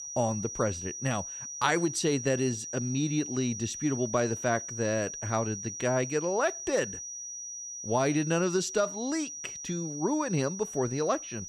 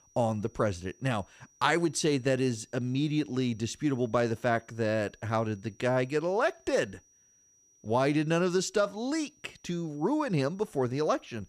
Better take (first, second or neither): second